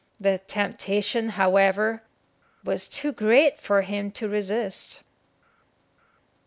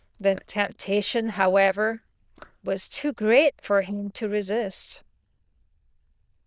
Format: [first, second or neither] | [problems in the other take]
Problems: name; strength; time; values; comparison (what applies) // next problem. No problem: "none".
first | noise reduction (neural diffusion model UNIVERSE++)